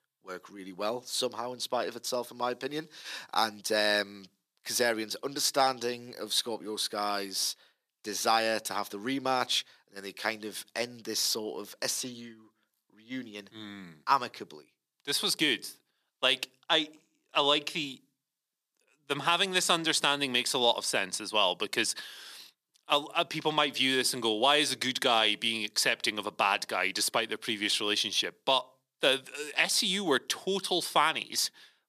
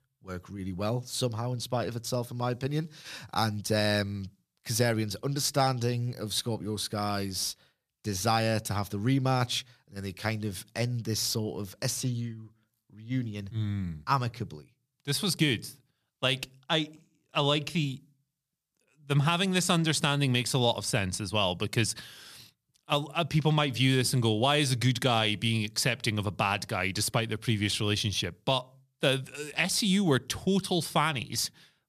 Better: second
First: thin; somewhat; fading below 300 Hz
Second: none

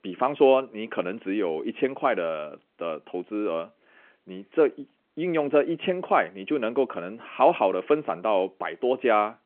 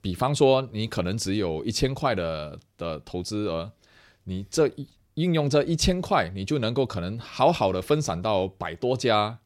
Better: second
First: phone-call audio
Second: none

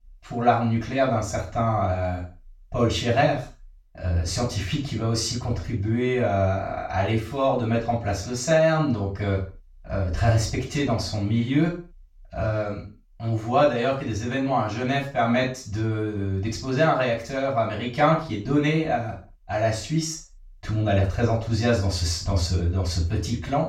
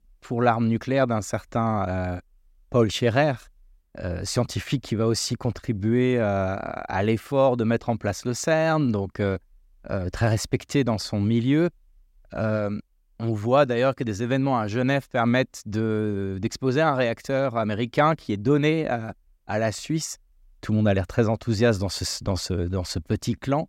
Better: second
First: room echo; noticeable; dies away in 0.3 s // off-mic speech; far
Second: none

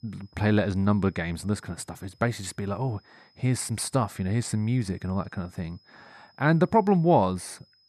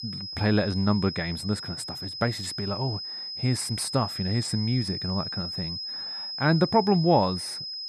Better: first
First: high-pitched whine; faint; throughout; 5 kHz, 35 dB below the speech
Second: high-pitched whine; loud; throughout; 5 kHz, 6 dB below the speech

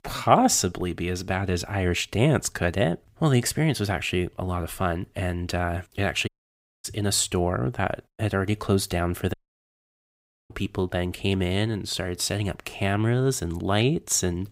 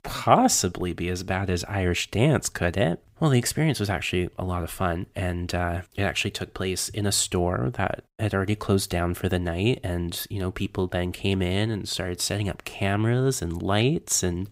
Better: second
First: audio cutting out; at 6.5 s for 0.5 s and at 9.5 s for 1 s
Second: none

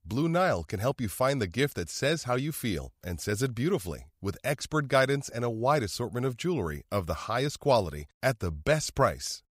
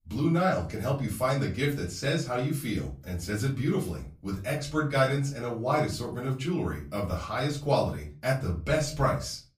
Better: first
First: none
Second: room echo; slight; dies away in 0.3 s // off-mic speech; far

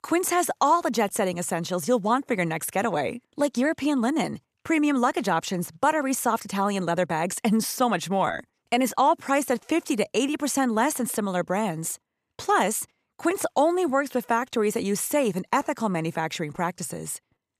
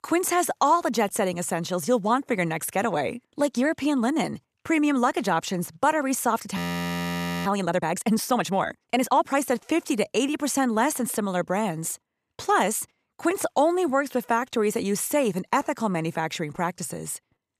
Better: first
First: none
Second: audio freezing; at 6.5 s for 1 s

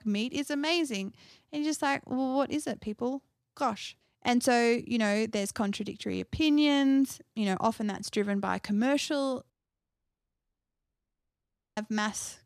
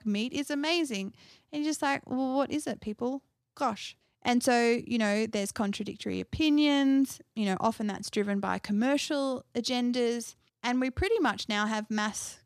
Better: second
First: audio cutting out; at 9.5 s for 2.5 s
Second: none

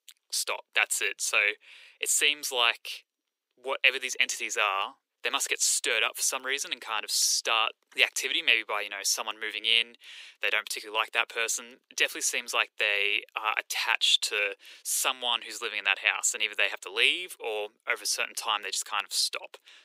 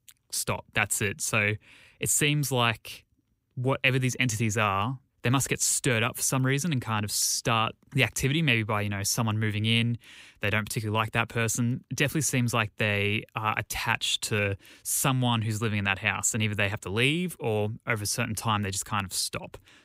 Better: second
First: thin; very; fading below 400 Hz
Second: none

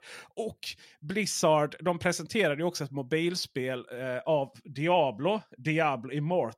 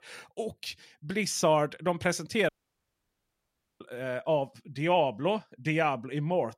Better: first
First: none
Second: audio cutting out; at 2.5 s for 1.5 s

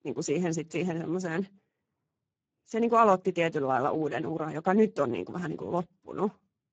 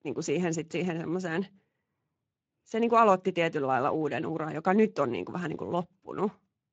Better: second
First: garbled, watery; badly; nothing above 7.5 kHz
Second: garbled, watery; slightly; nothing above 7.5 kHz

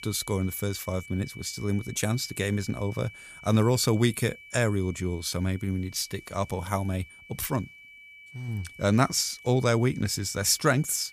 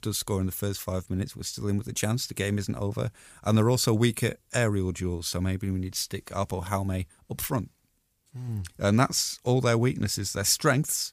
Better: second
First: high-pitched whine; noticeable; throughout; 2.5 kHz, 20 dB below the speech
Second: none

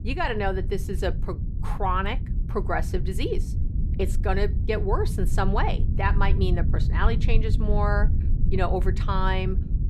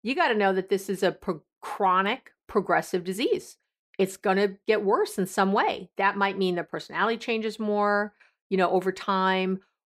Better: second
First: low rumble; noticeable; throughout; 15 dB below the speech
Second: none

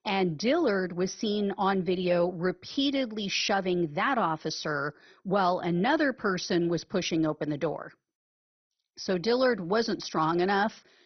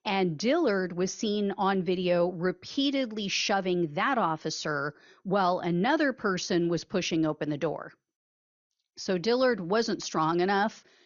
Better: second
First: garbled, watery; badly; nothing above 6 kHz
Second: garbled, watery; slightly; nothing above 6.5 kHz

